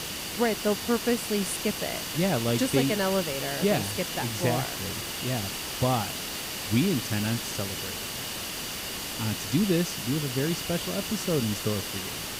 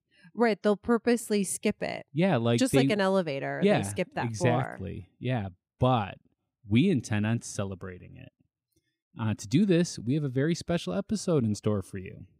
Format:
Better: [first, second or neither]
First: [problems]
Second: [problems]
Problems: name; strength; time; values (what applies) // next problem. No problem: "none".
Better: second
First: hiss; loud; throughout; 3 dB below the speech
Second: none